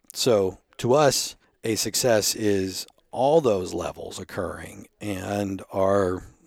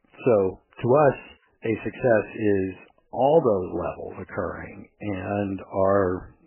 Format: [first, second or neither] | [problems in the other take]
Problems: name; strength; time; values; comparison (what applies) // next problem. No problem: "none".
first | garbled, watery; badly; nothing above 3 kHz